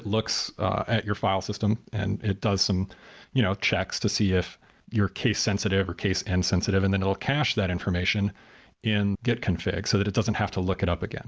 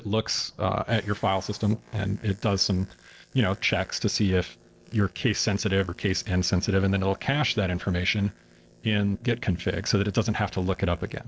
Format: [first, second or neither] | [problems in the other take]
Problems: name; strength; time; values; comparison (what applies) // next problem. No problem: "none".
first | noise reduction (neural separator model SepFormer DNS4)